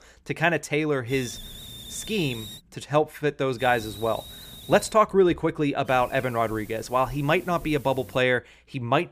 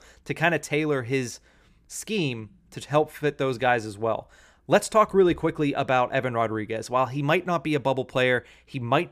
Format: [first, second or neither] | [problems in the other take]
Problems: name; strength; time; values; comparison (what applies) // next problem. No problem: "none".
second | hiss; noticeable; from 1 to 2.5 s, from 3.5 to 5 s and from 6 to 8 s; 15 dB below the speech